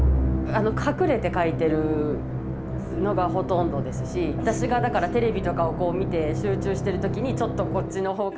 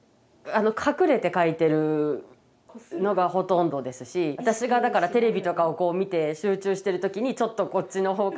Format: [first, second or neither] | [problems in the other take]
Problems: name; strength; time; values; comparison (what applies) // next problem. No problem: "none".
second | background sound (Musical instrument); 1 dB below the speech